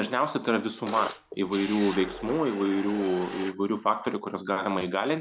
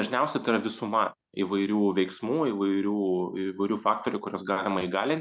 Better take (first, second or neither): second